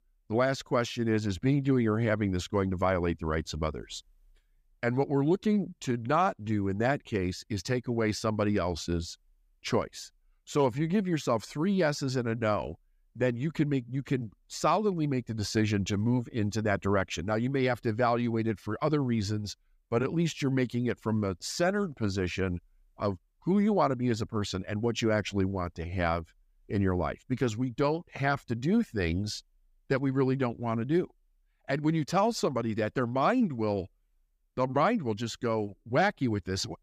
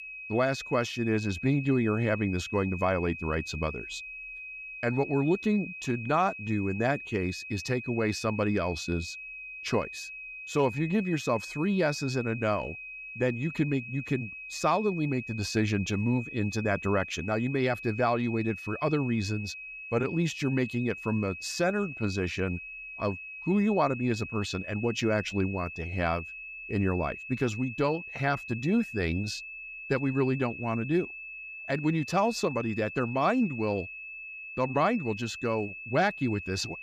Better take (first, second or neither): first